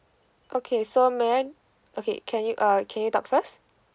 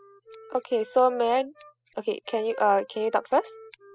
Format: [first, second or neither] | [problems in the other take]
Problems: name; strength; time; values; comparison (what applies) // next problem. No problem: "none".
first | noise reduction (classical method spectral subtraction)